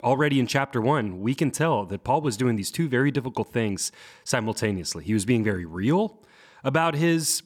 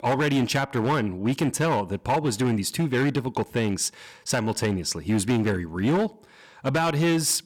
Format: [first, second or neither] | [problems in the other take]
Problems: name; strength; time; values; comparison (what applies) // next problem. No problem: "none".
first | distortion; slight; 12% of the sound clipped